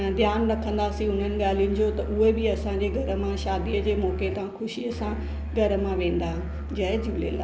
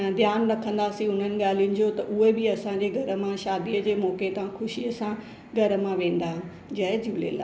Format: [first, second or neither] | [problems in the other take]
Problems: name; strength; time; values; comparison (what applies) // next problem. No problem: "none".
second | background sound (Musical instrument); 5 dB below the speech